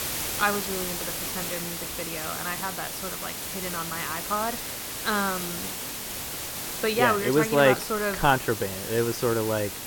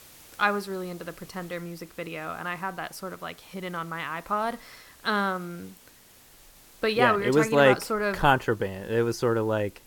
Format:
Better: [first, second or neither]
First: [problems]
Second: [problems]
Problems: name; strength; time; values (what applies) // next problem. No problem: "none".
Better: second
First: hiss; loud; throughout; 4 dB below the speech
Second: hiss; faint; throughout; 25 dB below the speech